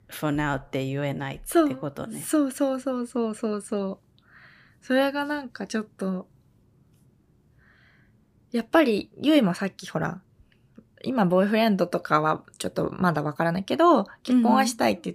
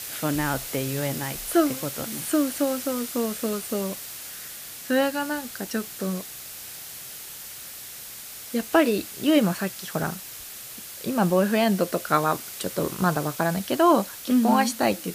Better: first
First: none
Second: hiss; loud; throughout; 10 dB below the speech

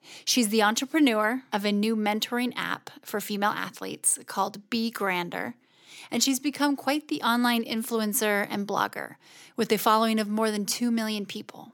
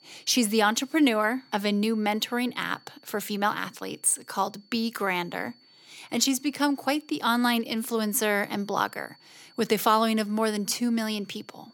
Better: first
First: none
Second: high-pitched whine; faint; throughout; 4.5 kHz, 30 dB below the speech

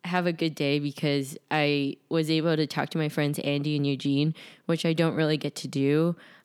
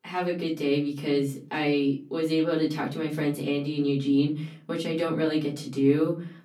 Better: first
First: none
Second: off-mic speech; far // room echo; very slight; dies away in 0.3 s

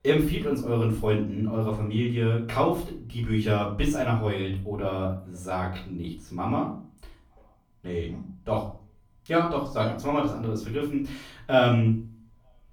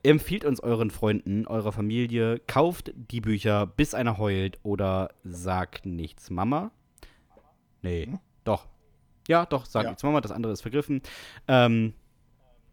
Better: second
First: off-mic speech; far // room echo; slight; dies away in 0.4 s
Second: none

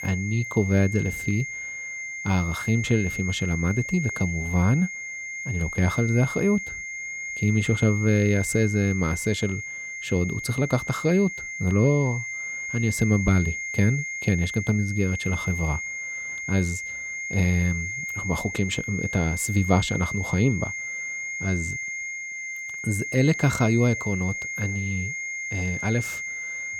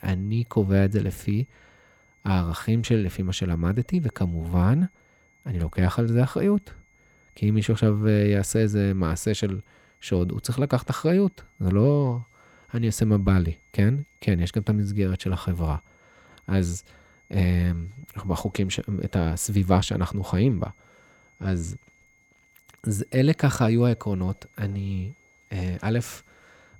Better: second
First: high-pitched whine; loud; throughout; 2 kHz, 5 dB below the speech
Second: high-pitched whine; faint; throughout; 2 kHz, 35 dB below the speech

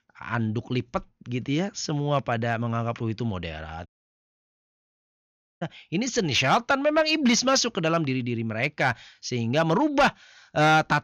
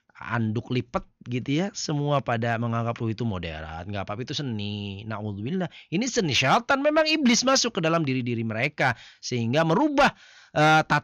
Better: second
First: audio cutting out; at 4 s for 2 s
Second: none

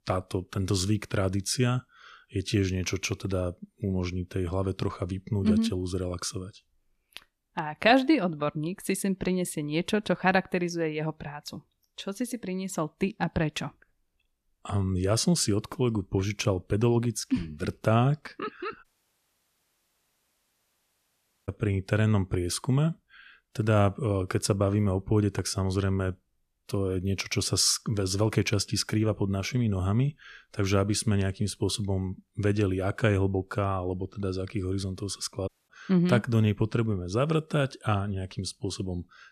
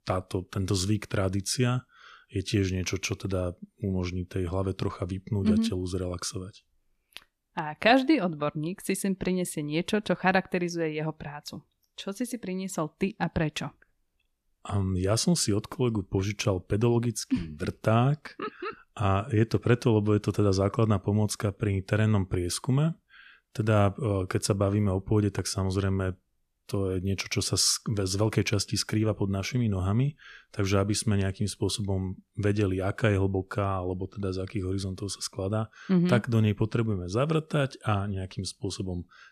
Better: second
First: audio cutting out; at 19 s for 2.5 s and at 35 s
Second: none

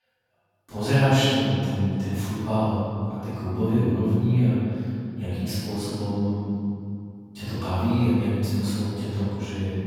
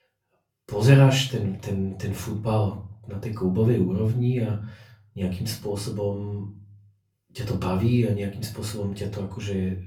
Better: second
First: room echo; strong; dies away in 2.4 s // off-mic speech; far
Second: room echo; slight; dies away in 0.4 s // off-mic speech; far

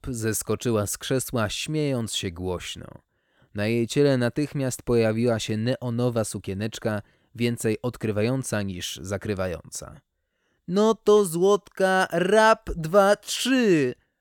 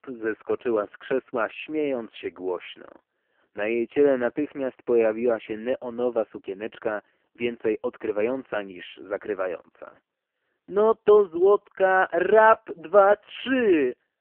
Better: first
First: none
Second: phone-call audio; poor line; nothing above 3 kHz

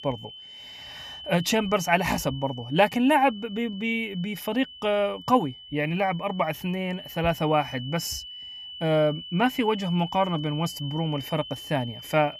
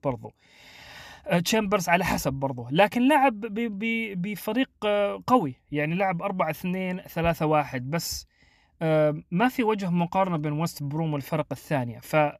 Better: second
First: high-pitched whine; noticeable; throughout; 3 kHz, 15 dB below the speech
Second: none

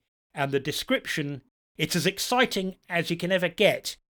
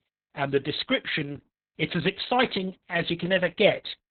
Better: first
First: none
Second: garbled, watery; badly; nothing above 4 kHz

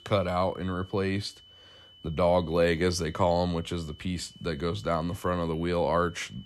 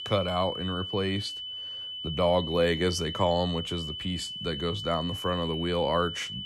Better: first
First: high-pitched whine; faint; throughout; 3 kHz, 25 dB below the speech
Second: high-pitched whine; loud; throughout; 3 kHz, 6 dB below the speech

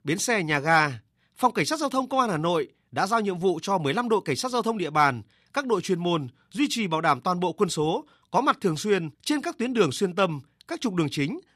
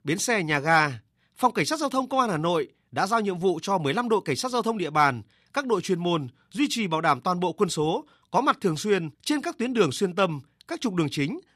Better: neither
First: none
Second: none

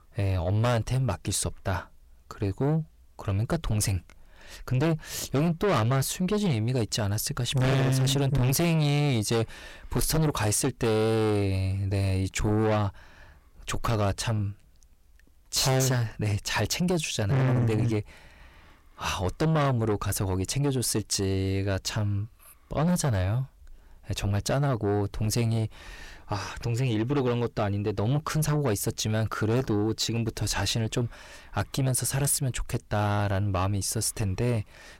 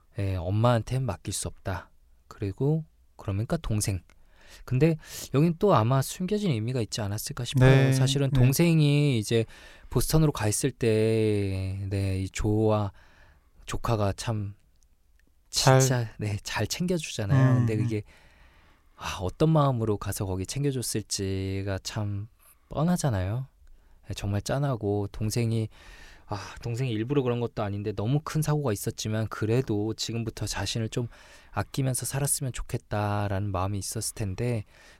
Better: second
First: distortion; heavy; 6 dB below the speech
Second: none

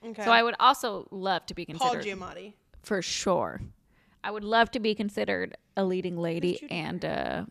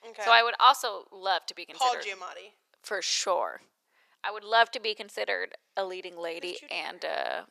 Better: first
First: none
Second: thin; very; fading below 550 Hz

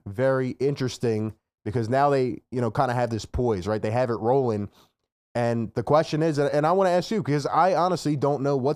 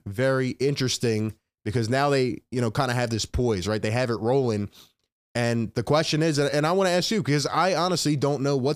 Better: second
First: muffled; slightly; fading above 1.5 kHz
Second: none

